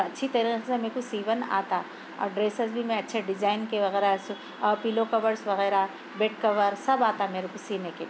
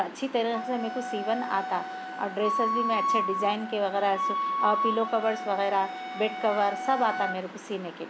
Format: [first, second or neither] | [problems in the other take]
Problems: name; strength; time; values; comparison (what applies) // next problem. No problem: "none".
first | background sound (Wind instrument, woodwind instrument); 3 dB below the speech